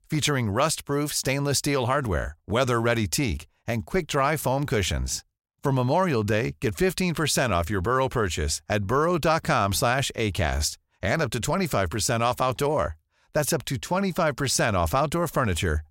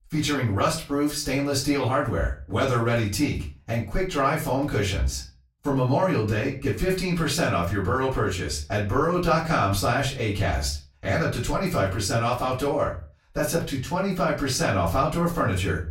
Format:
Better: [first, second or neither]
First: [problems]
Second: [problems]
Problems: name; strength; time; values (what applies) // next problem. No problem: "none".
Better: first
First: none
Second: off-mic speech; far // room echo; slight; dies away in 0.3 s